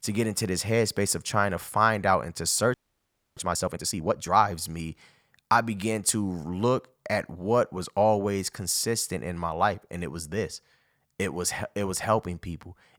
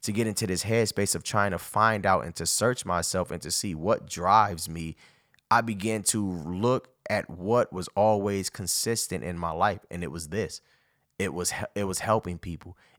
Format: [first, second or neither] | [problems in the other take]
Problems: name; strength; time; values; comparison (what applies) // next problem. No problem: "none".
second | audio freezing; at 2.5 s for 0.5 s